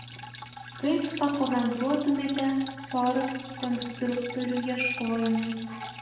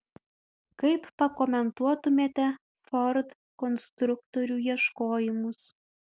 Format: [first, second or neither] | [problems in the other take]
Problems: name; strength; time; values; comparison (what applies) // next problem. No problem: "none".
second | background sound (Drip); 12 dB below the speech // room echo; dies away in 0.9 s